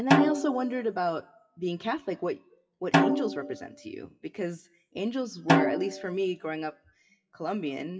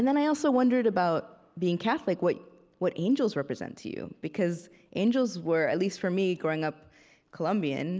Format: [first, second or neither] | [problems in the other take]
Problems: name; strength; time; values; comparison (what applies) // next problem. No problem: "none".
second | noise reduction (classical method WPE with log-MMSE)